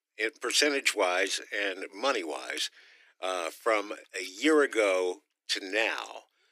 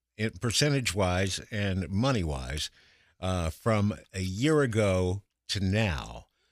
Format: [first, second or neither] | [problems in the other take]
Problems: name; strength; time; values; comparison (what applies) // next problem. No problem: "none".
second | thin; very; fading below 300 Hz